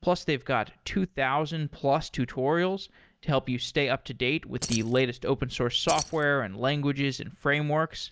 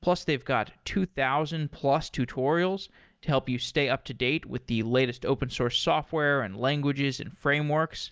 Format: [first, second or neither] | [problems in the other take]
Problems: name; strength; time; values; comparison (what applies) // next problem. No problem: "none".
second | background sound (Keys jangling); 12 dB below the speech